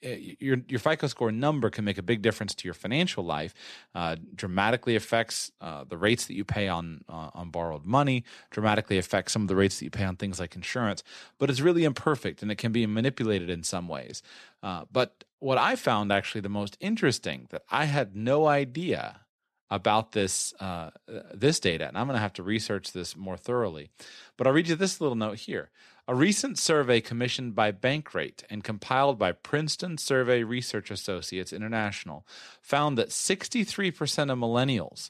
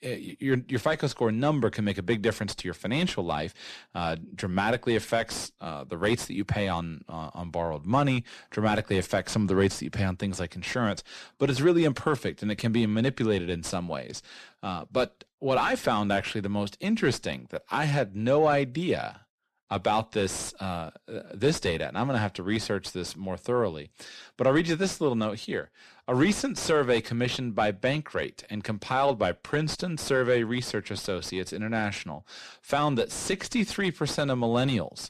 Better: first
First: none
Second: distortion; slight; 10 dB below the speech

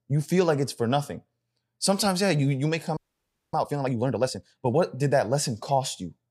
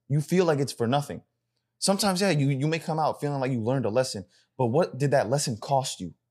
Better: second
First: audio freezing; at 3 s for 0.5 s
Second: none

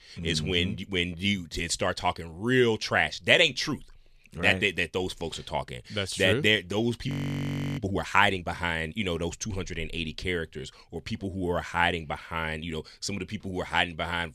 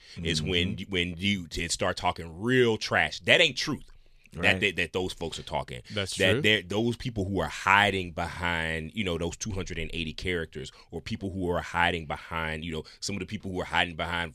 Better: second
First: audio freezing; at 7 s for 0.5 s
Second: none

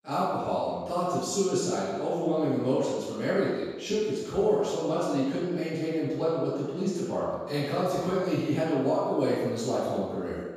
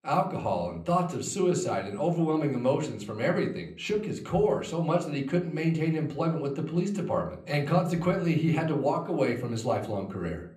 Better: second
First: room echo; strong; dies away in 1.2 s // off-mic speech; far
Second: room echo; slight; dies away in 0.6 s // off-mic speech; somewhat distant

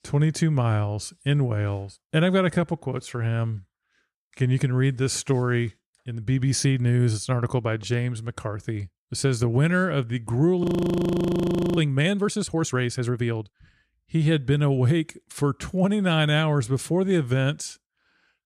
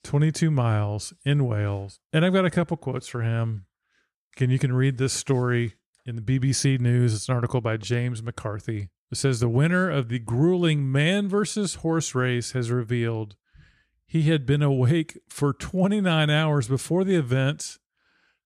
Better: second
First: audio freezing; at 11 s for 1 s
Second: none

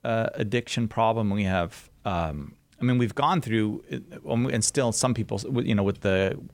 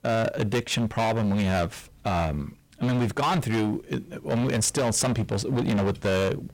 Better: first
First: none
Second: distortion; heavy; 21% of the sound clipped

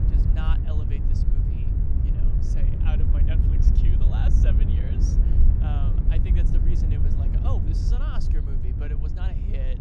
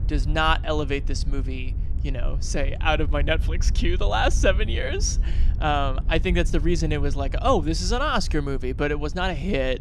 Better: second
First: wind noise on the microphone; heavy; 2 dB above the speech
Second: wind noise on the microphone; occasional gusts; 20 dB below the speech

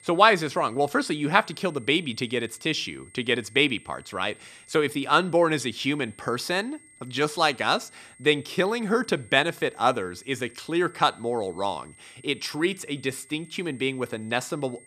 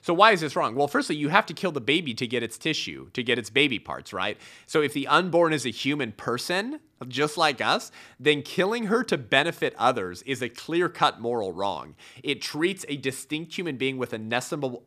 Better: second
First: high-pitched whine; faint; throughout; 8.5 kHz, 25 dB below the speech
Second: none

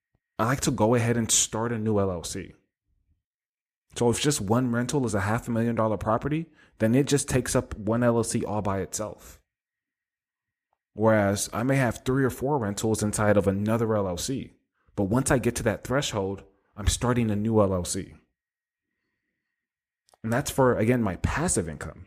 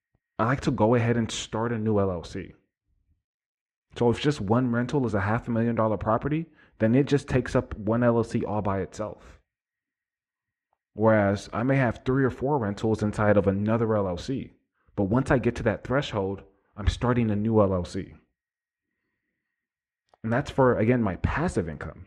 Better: first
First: none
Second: muffled; slightly; fading above 3 kHz

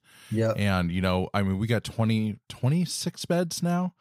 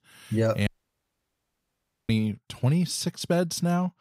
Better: first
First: none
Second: audio cutting out; at 0.5 s for 1.5 s

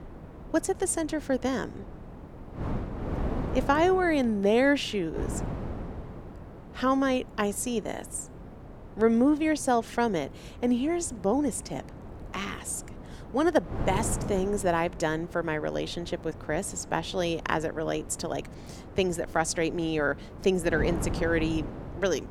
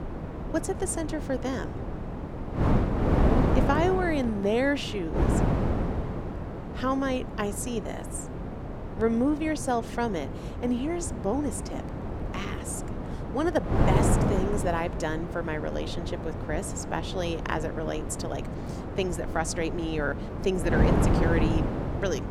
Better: first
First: wind noise on the microphone; occasional gusts; 15 dB below the speech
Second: wind noise on the microphone; heavy; 4 dB below the speech

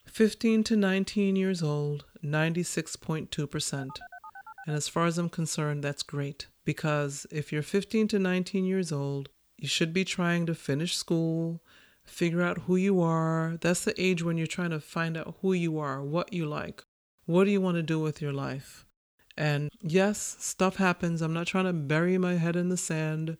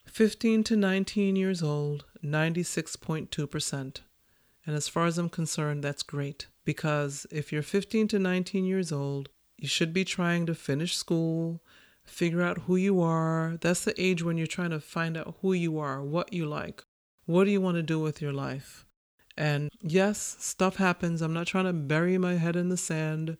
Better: second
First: phone ringing; faint; at 4 s; peak 15 dB below the speech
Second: none

